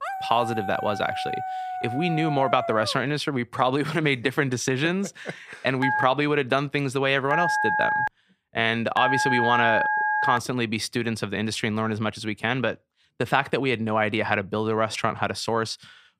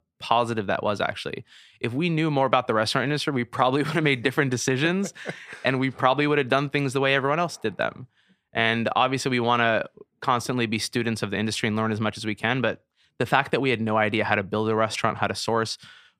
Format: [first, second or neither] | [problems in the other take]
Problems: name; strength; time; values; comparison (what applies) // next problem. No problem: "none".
second | dog barking; noticeable; until 3 s; peak 5 dB below the speech // phone ringing; loud; from 6 to 10 s; peak 2 dB above the speech